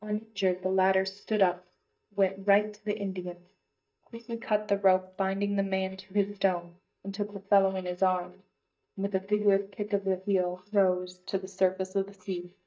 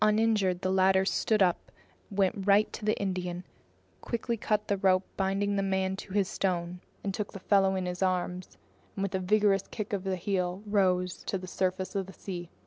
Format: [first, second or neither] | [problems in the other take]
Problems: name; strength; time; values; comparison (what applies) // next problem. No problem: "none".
second | noise reduction (neural mask model DeepFilterNet 3)